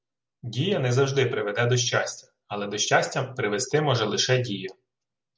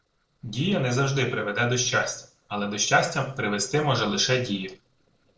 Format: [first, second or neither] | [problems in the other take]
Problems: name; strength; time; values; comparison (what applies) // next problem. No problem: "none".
first | noise reduction (neural separator model SepFormer DNS4)